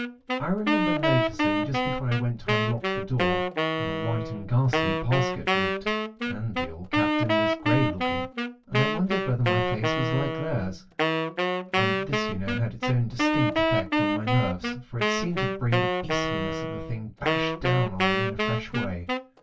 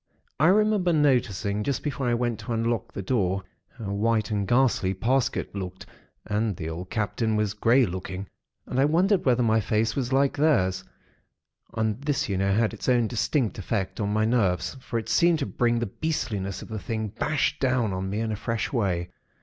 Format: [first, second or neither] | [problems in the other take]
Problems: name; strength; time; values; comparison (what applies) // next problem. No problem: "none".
second | background sound (Wind instrument, woodwind instrument); 2 dB above the speech // room echo; dies away in 0.1 s